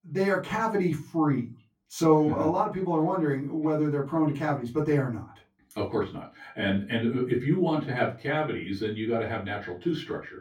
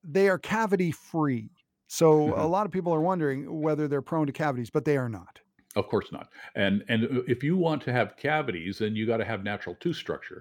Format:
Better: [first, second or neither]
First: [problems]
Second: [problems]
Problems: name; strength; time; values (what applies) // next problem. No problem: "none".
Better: second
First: off-mic speech; far // room echo; very slight; dies away in 0.2 s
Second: none